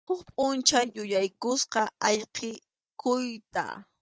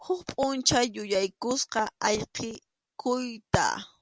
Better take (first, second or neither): second